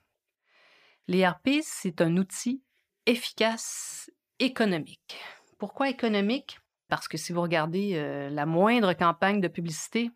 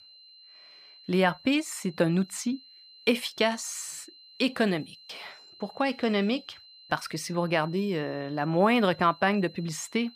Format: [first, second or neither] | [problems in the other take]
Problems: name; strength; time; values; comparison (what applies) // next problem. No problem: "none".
first | high-pitched whine; faint; throughout; 4 kHz, 20 dB below the speech